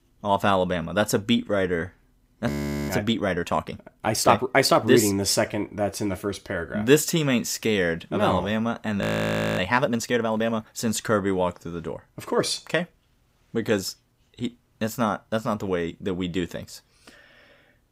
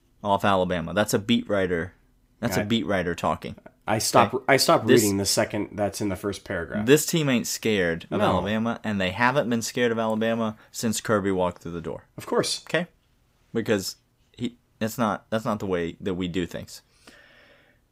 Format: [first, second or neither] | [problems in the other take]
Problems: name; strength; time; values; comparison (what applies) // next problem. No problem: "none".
second | audio freezing; at 2.5 s and at 9 s for 0.5 s